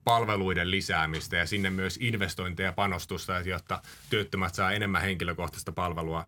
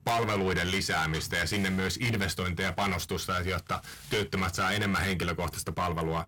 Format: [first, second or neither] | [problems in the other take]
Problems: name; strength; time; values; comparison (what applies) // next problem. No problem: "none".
first | distortion; heavy; 15% of the sound clipped